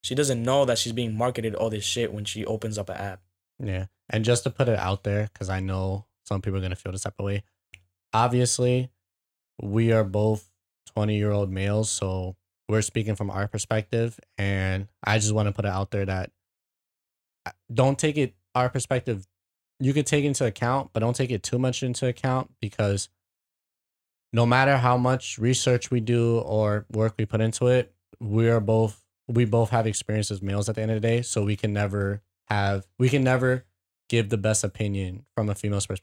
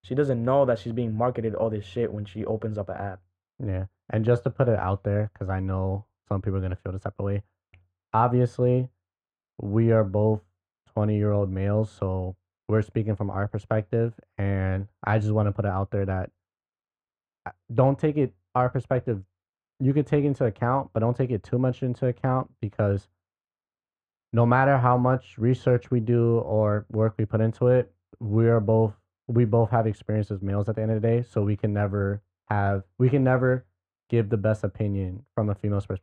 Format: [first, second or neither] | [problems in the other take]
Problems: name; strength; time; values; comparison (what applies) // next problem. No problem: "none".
first | muffled; very; fading above 3 kHz